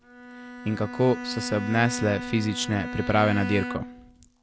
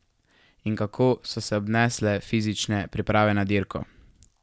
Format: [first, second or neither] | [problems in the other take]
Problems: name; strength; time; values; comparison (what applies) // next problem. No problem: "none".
second | background sound (Bowed string instrument); 9 dB below the speech